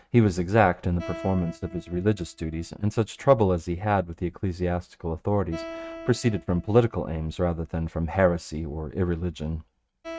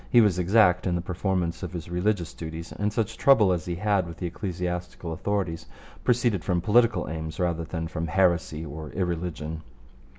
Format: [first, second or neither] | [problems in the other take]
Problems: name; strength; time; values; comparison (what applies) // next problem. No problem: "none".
second | noise reduction (neural mask model RNNoise)